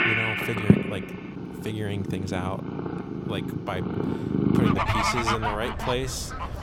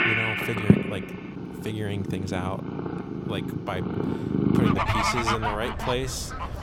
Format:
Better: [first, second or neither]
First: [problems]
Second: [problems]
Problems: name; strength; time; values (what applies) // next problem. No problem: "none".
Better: neither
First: animal sounds; very loud; throughout; 5 dB above the speech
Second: animal sounds; very loud; throughout; 5 dB above the speech